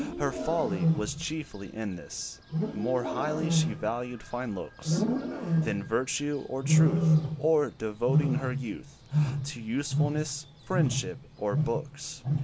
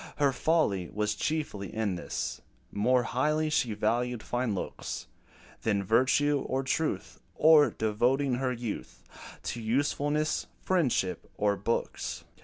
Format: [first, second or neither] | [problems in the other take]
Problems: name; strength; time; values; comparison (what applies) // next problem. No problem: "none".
second | background sound (Wild animals); 2 dB above the speech